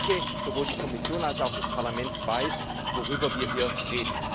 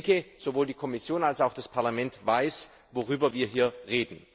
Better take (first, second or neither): second